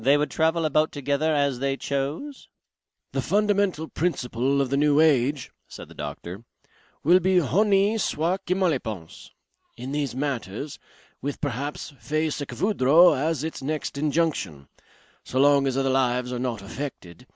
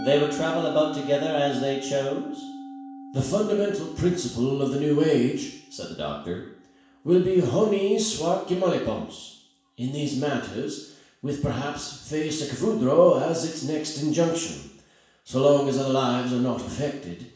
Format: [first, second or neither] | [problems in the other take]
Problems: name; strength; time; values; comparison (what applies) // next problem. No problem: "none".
first | background sound (Musical instrument); 16 dB below the speech // room echo; dies away in 0.7 s